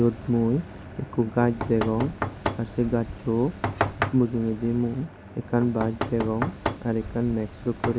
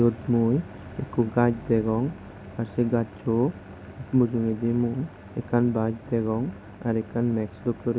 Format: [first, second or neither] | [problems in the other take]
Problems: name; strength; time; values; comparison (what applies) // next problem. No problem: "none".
second | background sound (Knock); 8 dB below the speech